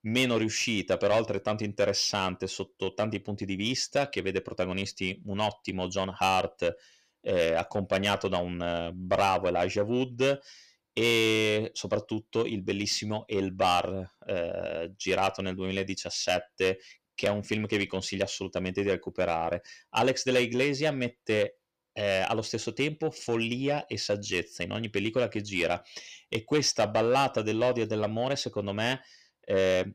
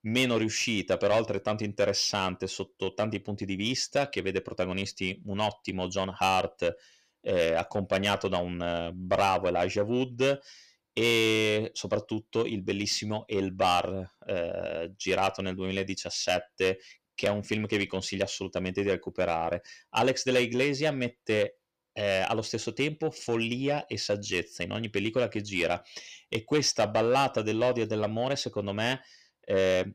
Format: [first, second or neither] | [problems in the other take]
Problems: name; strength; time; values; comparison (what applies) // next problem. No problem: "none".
neither | distortion; slight; 10 dB below the speech; the same in both